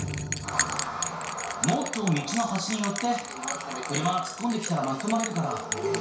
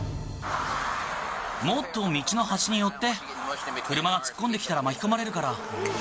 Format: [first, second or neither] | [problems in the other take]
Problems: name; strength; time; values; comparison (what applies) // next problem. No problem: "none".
second | background sound (Bell); 6 dB below the speech // room echo; dies away in 0.6 s